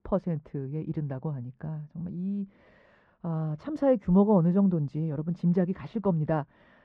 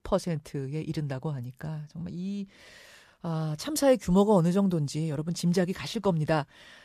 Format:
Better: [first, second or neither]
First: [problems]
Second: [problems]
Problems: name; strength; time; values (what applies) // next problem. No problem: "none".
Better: second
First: muffled; very; fading above 1.5 kHz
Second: none